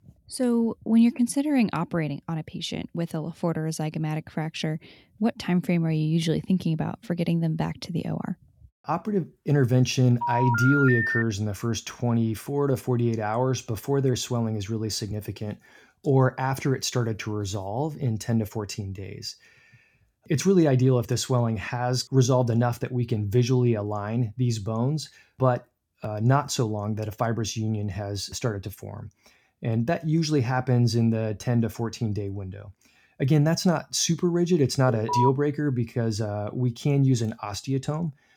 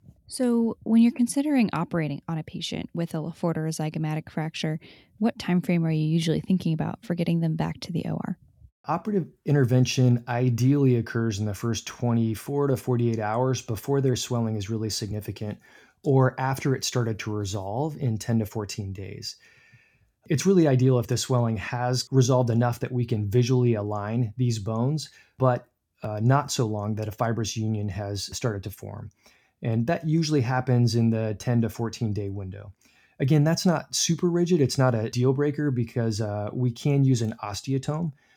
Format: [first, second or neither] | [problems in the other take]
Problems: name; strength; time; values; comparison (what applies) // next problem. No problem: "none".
second | phone ringing; loud; from 10 to 11 s; peak 1 dB above the speech // alarm; noticeable; at 35 s; peak level with the speech